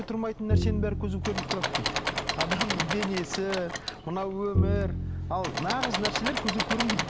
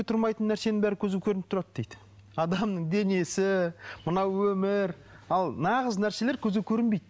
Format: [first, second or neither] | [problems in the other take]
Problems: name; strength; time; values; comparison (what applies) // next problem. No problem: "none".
second | background sound (Engine / Mechanisms + Bowed string instrument); 2 dB above the speech